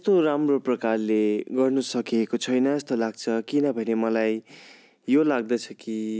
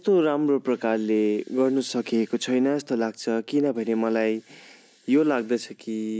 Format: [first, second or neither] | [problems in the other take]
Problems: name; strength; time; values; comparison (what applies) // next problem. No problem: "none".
first | noise reduction (neural mask model Resemble Enhance denoiser)